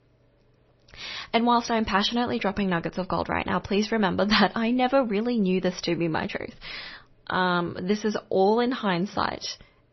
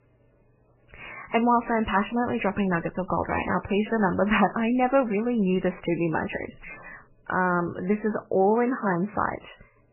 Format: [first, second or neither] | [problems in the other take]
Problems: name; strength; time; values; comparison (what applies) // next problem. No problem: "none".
first | garbled, watery; badly; nothing above 3 kHz; slightly in the first